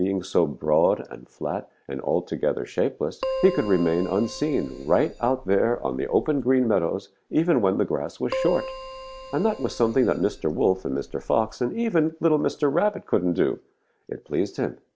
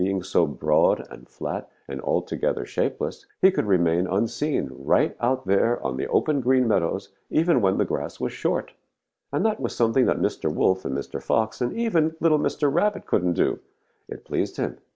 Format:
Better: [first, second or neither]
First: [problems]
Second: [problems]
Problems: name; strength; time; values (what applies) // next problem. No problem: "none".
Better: second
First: background sound (Keyboard (musical)); 11 dB below the speech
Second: none